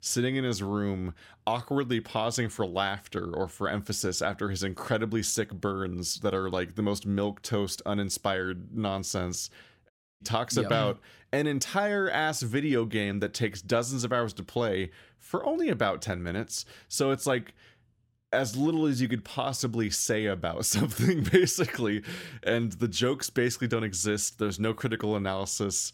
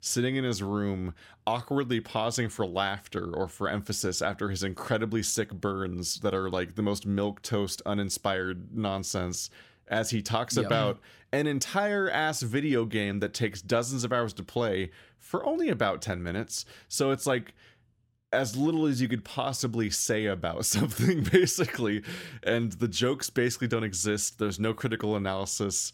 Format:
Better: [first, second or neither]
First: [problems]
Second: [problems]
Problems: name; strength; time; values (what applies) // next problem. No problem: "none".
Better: second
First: audio cutting out; at 10 s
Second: none